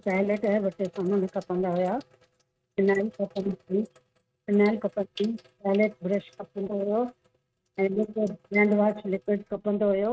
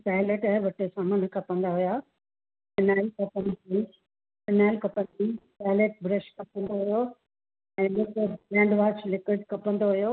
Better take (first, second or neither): second